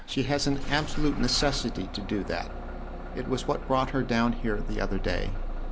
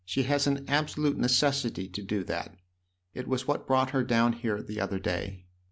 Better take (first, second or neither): second